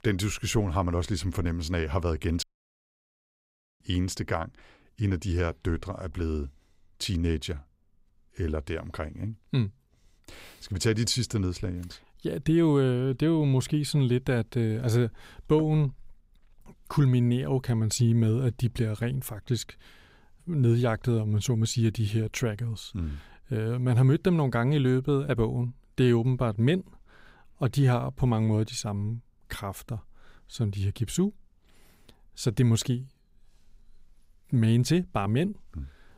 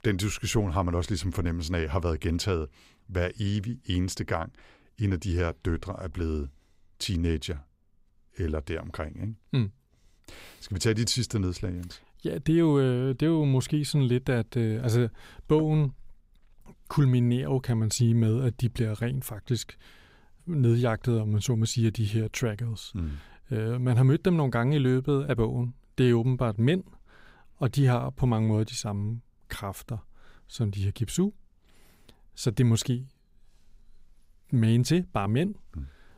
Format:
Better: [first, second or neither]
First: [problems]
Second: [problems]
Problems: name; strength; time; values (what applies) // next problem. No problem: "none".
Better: second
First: audio cutting out; at 2.5 s for 1.5 s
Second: none